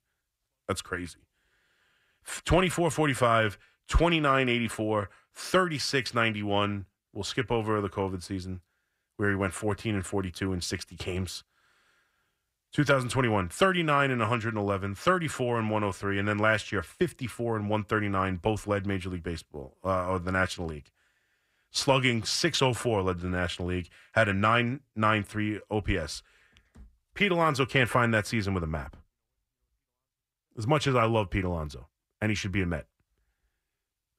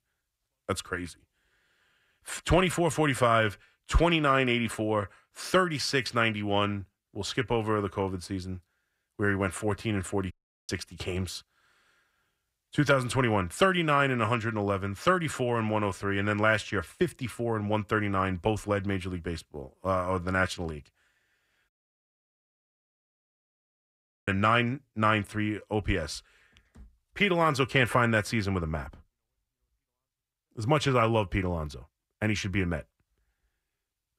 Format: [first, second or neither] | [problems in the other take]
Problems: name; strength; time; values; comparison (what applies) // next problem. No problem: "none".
first | audio cutting out; at 10 s and at 22 s for 2.5 s